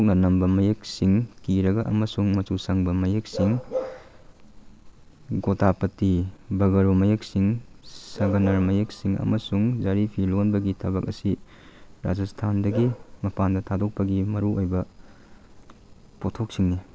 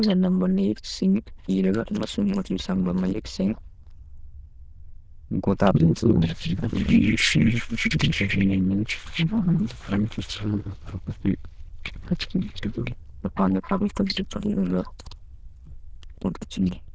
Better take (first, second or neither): first